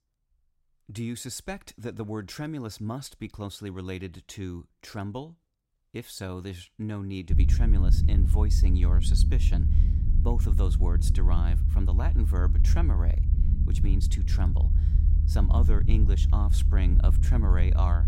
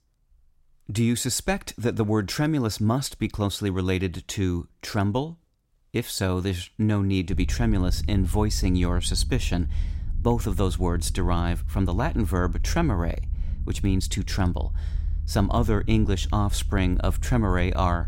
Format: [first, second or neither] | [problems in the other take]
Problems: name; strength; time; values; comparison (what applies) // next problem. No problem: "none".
second | low rumble; loud; from 7.5 s on; 4 dB below the speech; faint in the second